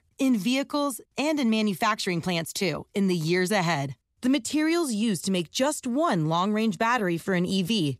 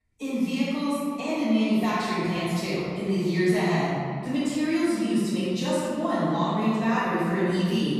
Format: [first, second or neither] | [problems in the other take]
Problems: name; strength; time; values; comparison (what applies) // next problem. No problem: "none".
first | off-mic speech; far // room echo; strong; dies away in 2 s